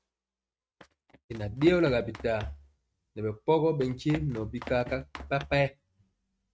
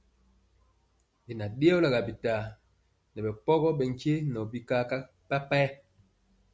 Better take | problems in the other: second | noise reduction (neural mask model RNNoise)

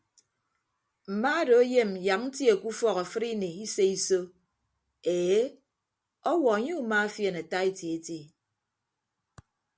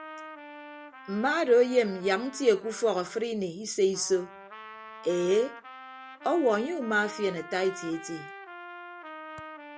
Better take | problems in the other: first | background sound (Trumpet); 16 dB below the speech

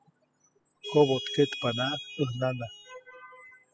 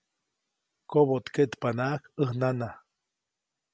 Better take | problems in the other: second | noise reduction (classical method spectral subtraction)

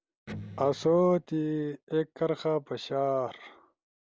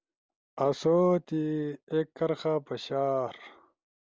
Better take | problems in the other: second | background sound (Electric guitar); 14 dB below the speech

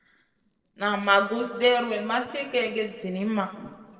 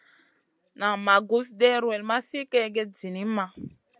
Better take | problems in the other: second | noise reduction (neural separator model SepFormer DNS4)

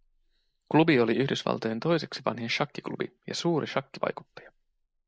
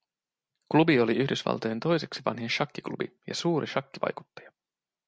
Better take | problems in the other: second | noise reduction (neural mask model Resemble Enhance denoiser)

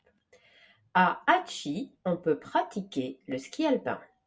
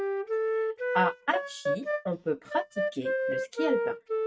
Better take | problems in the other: first | noise reduction (neural mask model RNNoise)

